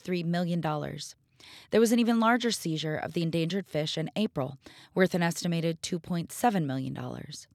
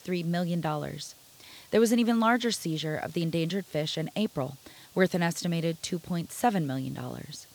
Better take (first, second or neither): first